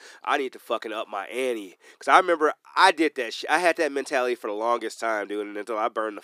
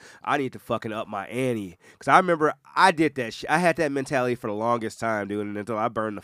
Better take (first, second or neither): second